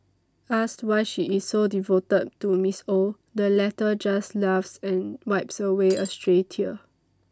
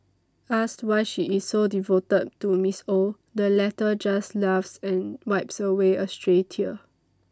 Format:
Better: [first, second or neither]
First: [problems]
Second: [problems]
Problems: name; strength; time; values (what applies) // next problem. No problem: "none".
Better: second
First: background sound (Shatter); 16 dB below the speech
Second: none